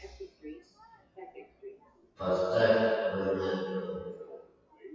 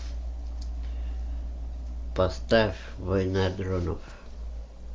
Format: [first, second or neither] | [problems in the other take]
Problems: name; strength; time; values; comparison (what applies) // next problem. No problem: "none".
second | noise reduction (classical method WPE with log-MMSE)